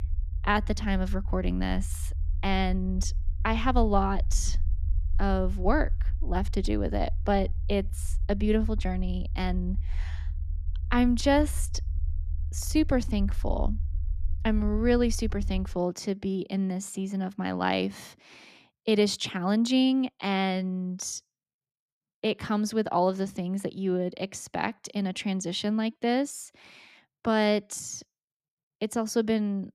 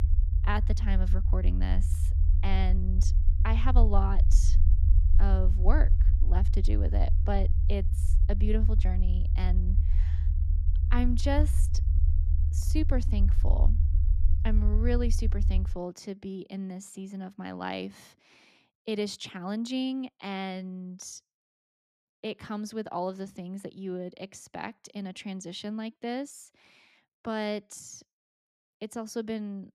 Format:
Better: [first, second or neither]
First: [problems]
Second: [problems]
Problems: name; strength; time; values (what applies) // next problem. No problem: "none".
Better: first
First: low rumble; faint; until 16 s; 25 dB below the speech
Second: low rumble; loud; until 16 s; 10 dB below the speech